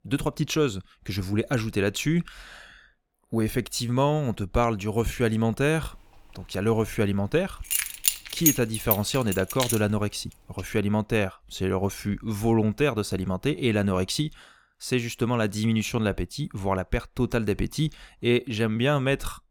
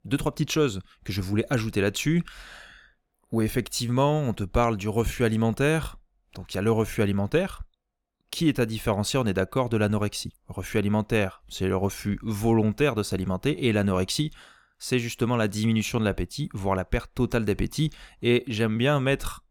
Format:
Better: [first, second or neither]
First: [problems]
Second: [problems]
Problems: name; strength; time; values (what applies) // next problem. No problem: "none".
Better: second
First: jangling keys; loud; from 7.5 to 10 s; peak 3 dB above the speech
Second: none